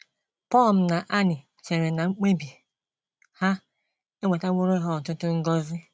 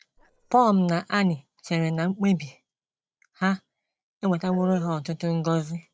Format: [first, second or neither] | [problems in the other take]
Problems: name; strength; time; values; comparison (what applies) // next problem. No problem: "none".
first | noise reduction (neural separator model SepFormer DNS4)